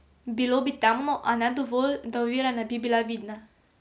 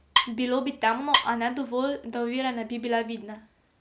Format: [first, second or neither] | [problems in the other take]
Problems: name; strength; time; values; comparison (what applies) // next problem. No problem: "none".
first | background sound (Wood); as loud as the speech